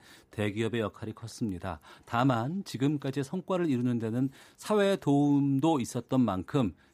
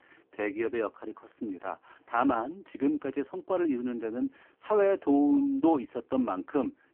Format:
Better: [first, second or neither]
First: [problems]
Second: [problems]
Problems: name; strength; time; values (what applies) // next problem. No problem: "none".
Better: first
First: none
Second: phone-call audio; poor line